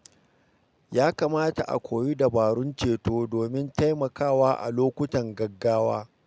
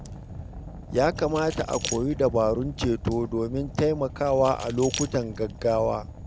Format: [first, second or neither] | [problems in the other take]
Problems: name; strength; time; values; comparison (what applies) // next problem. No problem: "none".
first | background sound (Fire + Keys jangling); 11 dB below the speech